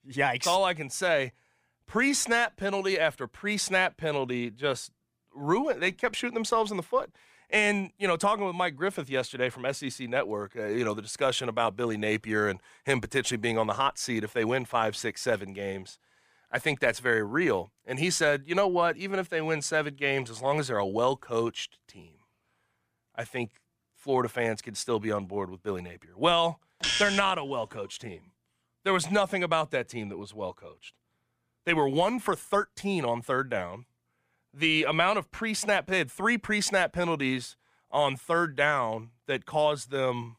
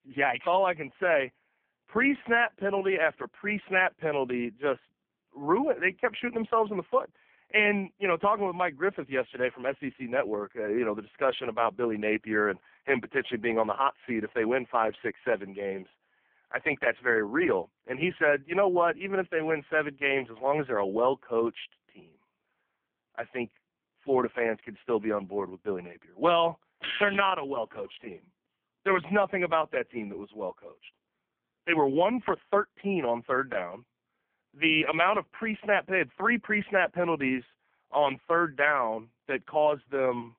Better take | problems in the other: first | phone-call audio; poor line; nothing above 3 kHz

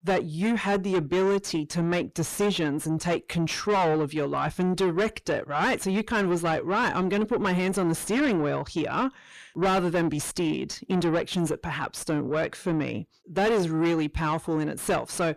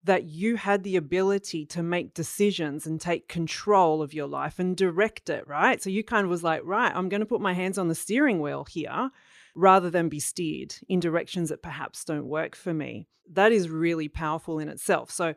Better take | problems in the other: second | distortion; heavy; 5 dB below the speech

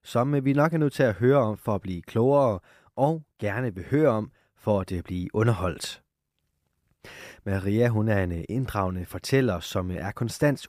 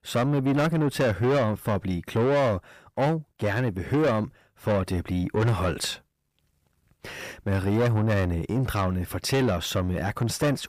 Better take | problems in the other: first | distortion; heavy; 8 dB below the speech

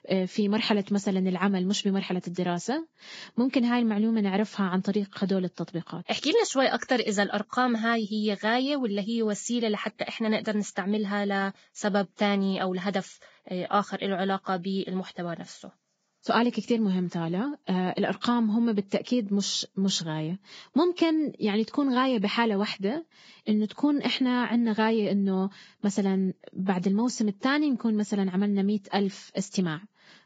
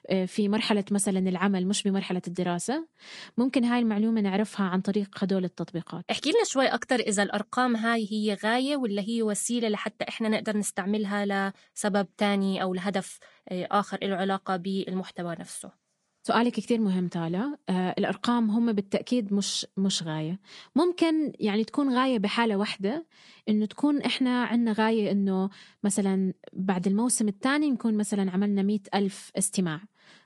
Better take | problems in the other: second | garbled, watery; badly; nothing above 7.5 kHz; slightly in the second

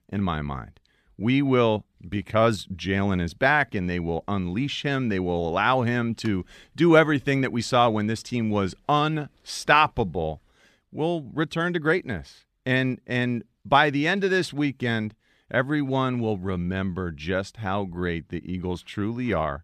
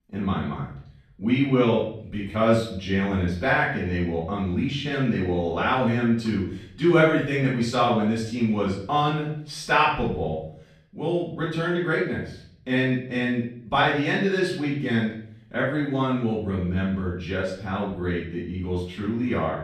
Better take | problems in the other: first | off-mic speech; far // room echo; noticeable; dies away in 0.5 s

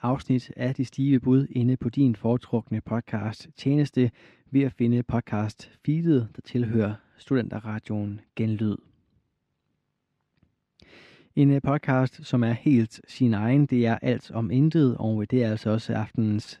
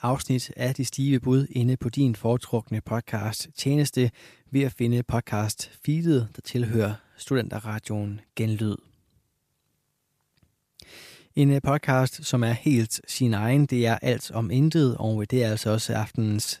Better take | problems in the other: second | muffled; slightly; fading above 3 kHz

